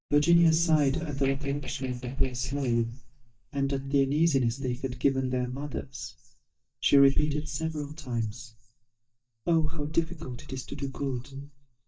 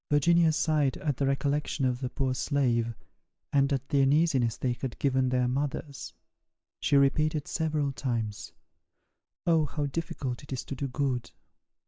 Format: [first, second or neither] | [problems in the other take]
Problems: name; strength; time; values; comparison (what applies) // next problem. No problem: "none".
second | noise reduction (neural mask model DeepFilterNet 3)